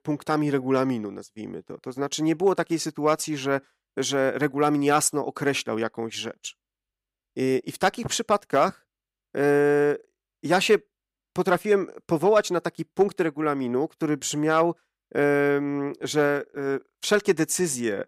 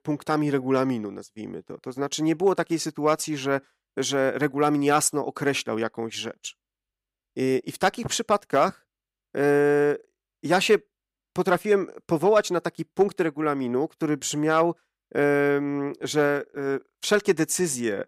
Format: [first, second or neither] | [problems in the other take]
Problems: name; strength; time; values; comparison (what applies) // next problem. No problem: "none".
neither | none